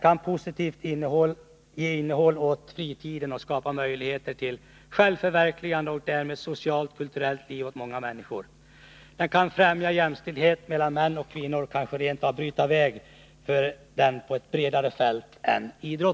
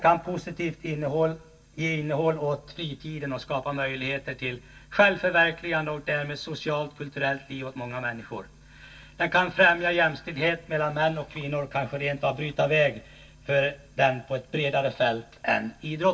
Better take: first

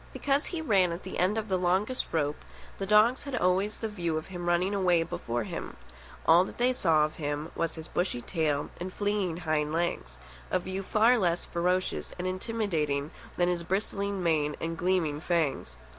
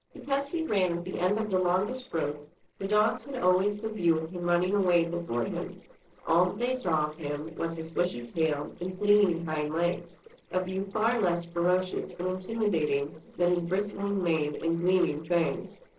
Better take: first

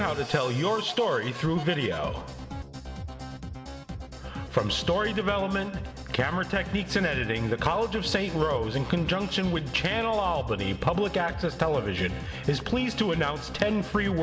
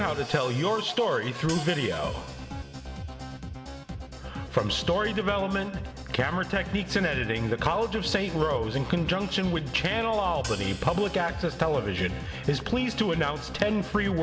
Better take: first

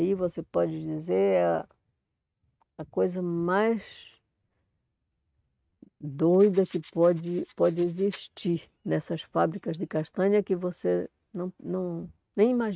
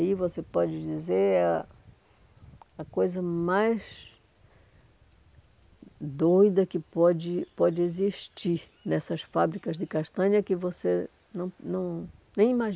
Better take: second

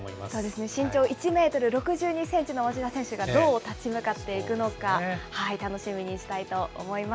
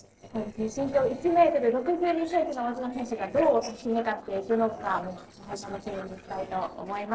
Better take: first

